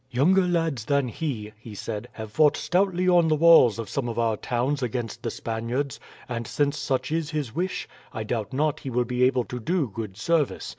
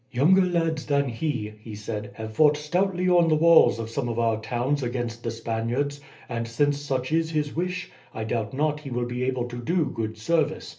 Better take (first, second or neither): first